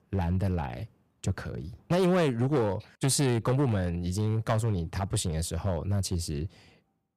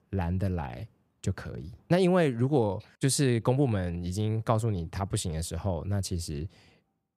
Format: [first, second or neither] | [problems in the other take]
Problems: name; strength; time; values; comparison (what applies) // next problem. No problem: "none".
second | distortion; slight; 7% of the sound clipped